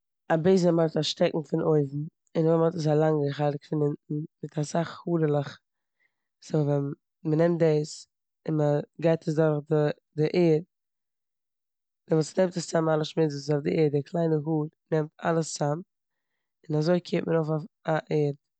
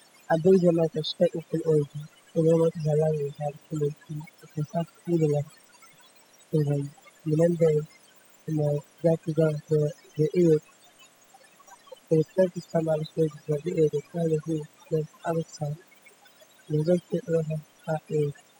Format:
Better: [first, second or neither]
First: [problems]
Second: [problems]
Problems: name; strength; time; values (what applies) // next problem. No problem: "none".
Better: first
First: none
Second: noise reduction (classical method spectral subtraction)